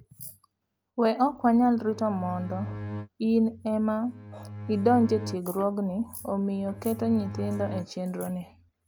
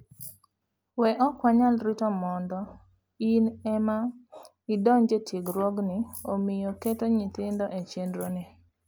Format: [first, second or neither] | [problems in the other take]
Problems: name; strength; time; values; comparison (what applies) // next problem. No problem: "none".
second | background sound (Bowed string instrument); 11 dB below the speech